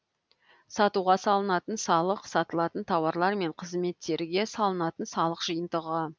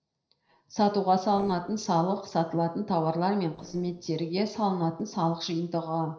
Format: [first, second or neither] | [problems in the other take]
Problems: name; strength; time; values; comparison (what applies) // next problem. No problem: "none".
first | noise reduction (neural separator model SepFormer DNS4)